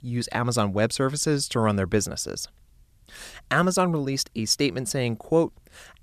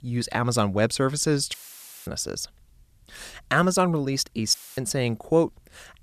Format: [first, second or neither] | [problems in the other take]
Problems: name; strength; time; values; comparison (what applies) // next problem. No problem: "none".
first | audio cutting out; filled with static; at 1.5 s for 0.5 s and at 4.5 s